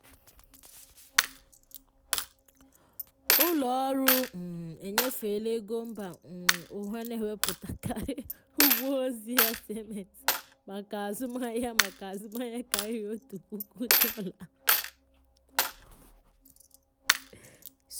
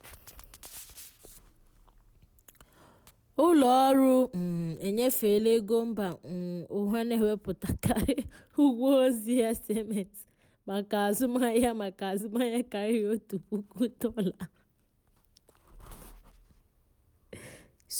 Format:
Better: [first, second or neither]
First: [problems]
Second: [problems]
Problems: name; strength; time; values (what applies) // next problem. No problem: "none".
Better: second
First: background sound (Coin (dropping)); 3 dB above the speech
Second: none